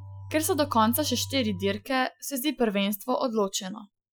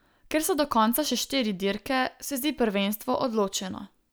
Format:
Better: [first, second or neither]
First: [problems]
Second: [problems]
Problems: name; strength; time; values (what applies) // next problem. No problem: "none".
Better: second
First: noise reduction (classical method Wiener filter)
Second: none